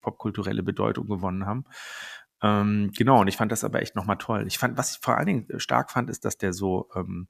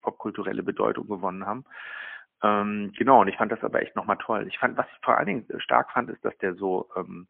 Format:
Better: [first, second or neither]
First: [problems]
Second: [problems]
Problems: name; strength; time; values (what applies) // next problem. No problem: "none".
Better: first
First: none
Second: phone-call audio; poor line; nothing above 3 kHz